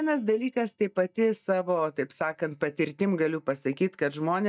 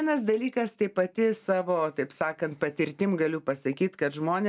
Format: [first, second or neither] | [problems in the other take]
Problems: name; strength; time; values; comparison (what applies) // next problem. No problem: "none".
second | noise reduction (neural mask model DeepFilterNet 3)